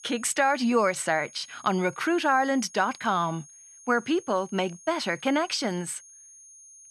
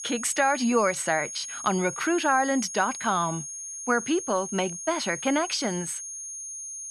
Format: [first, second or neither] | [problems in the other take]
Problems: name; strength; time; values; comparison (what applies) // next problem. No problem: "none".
first | high-pitched whine; loud; throughout; 6.5 kHz, 8 dB below the speech; faint in the first